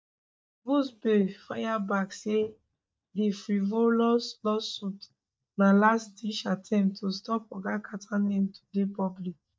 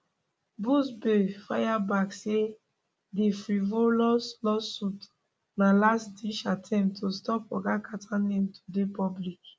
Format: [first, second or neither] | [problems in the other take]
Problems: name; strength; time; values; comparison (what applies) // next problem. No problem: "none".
second | noise reduction (neural mask model DeepFilterNet 3)